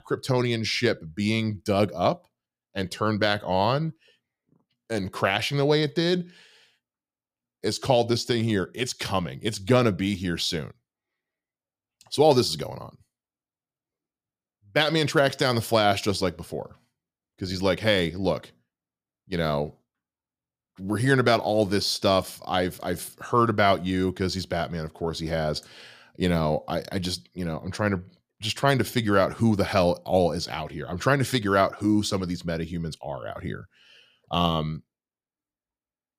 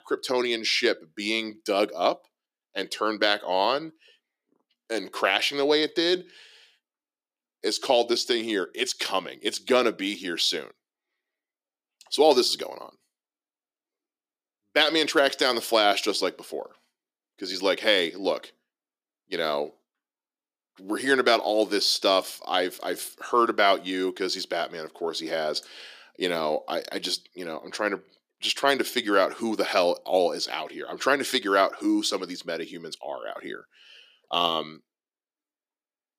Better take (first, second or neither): first